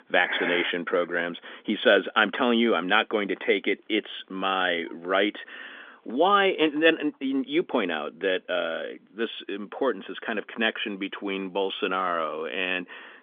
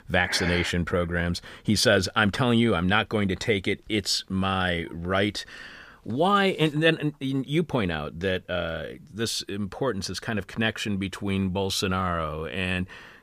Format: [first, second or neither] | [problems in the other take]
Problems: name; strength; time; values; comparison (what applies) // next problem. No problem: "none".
second | phone-call audio; nothing above 3.5 kHz